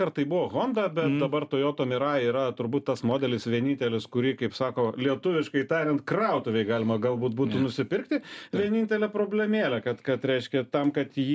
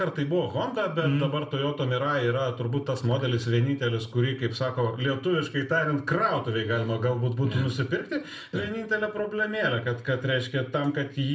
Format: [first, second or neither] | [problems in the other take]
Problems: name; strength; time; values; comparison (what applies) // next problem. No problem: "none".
first | room echo; dies away in 0.3 s